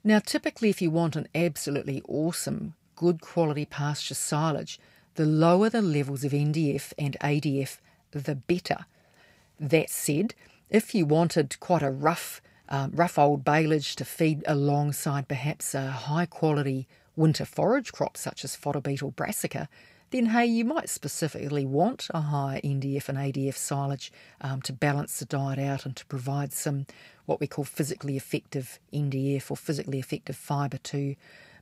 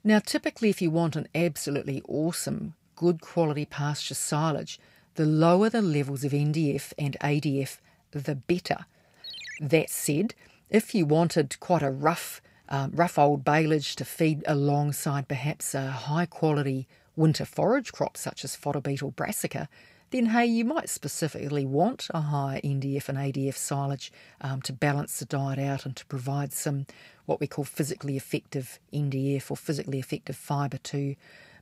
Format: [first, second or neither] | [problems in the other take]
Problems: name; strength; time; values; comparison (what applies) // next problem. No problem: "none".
first | phone ringing; noticeable; at 9 s; peak 10 dB below the speech